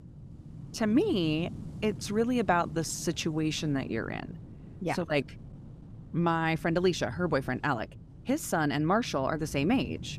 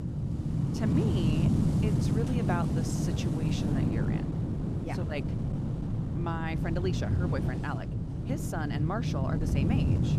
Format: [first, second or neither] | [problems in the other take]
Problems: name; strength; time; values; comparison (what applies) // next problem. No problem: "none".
first | wind noise on the microphone; heavy; as loud as the speech; occasional gusts in the first